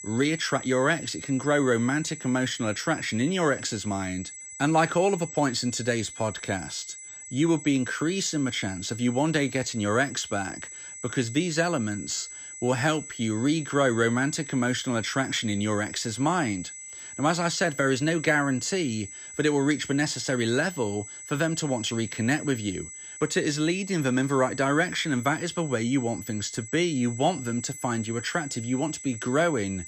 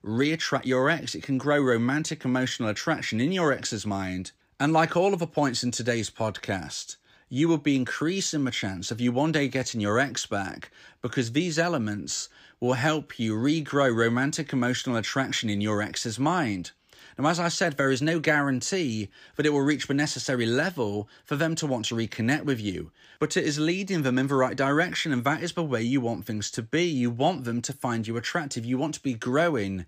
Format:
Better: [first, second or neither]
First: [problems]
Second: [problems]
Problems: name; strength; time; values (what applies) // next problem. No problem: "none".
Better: second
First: high-pitched whine; noticeable; throughout; 8 kHz, 10 dB below the speech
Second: none